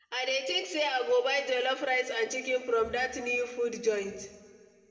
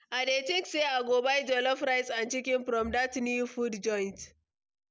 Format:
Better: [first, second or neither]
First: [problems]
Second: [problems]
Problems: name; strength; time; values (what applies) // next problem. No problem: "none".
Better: second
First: room echo; dies away in 1.4 s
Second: none